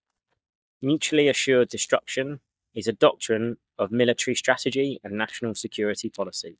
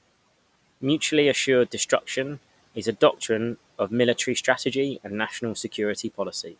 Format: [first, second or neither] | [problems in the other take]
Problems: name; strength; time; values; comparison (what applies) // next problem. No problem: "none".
second | noise reduction (neural mask model DeepFilterNet 3)